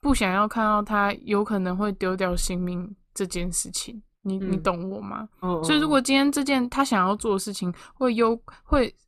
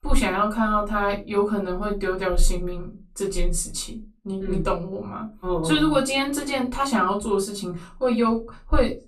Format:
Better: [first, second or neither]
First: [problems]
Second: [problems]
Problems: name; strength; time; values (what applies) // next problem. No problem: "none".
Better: first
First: none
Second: off-mic speech; far // room echo; very slight; dies away in 0.2 s